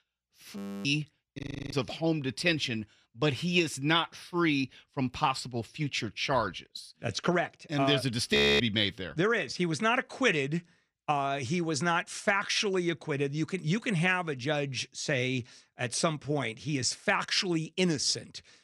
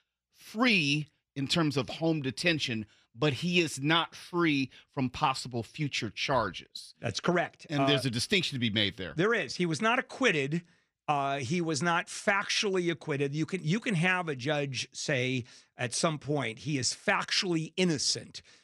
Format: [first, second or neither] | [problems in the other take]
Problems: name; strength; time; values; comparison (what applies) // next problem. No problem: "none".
second | audio freezing; at 0.5 s, at 1.5 s and at 8.5 s